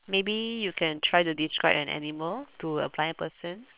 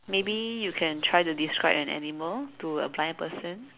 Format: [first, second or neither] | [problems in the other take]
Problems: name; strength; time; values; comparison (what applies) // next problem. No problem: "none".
second | noise reduction (neural separator model SepFormer WHAM!)